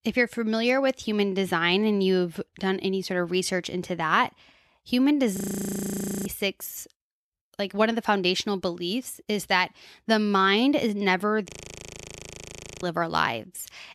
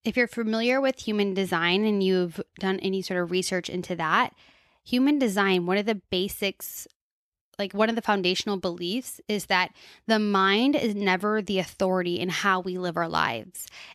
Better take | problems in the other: second | audio freezing; at 5.5 s for 1 s and at 11 s for 1.5 s

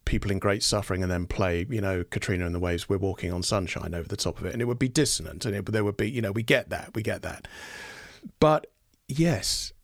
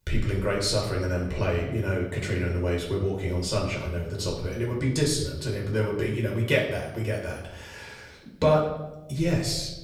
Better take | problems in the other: first | off-mic speech; far // room echo; noticeable; dies away in 0.9 s

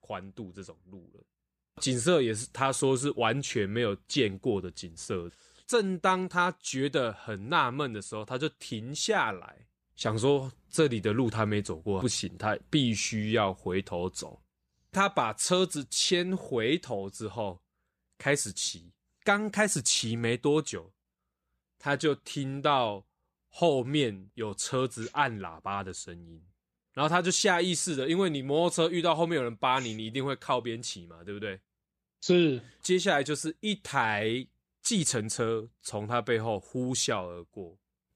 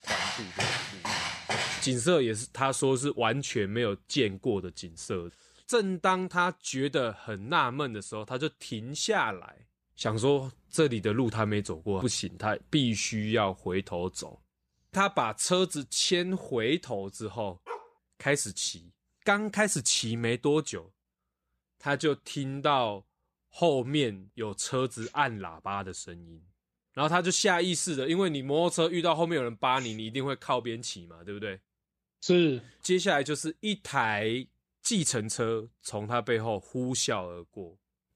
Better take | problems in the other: first | footsteps; noticeable; until 2 s; peak 1 dB below the speech // dog barking; faint; at 18 s; peak 15 dB below the speech

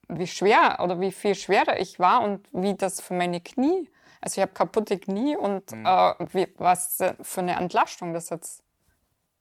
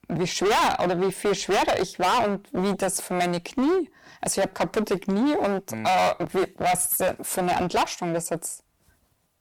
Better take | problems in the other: first | distortion; heavy; 17% of the sound clipped

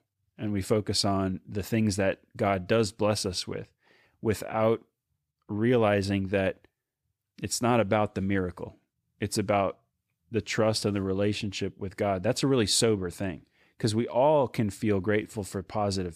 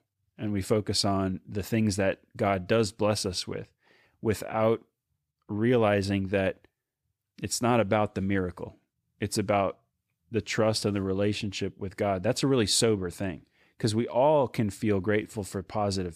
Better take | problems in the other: neither | none

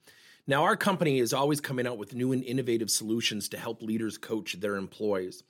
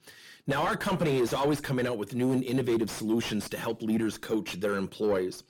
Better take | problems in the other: first | distortion; heavy; 6 dB below the speech

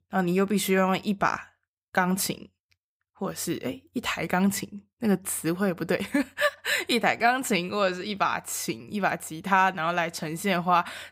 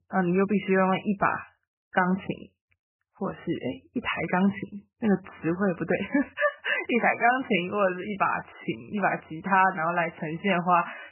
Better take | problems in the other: first | garbled, watery; badly; nothing above 3 kHz

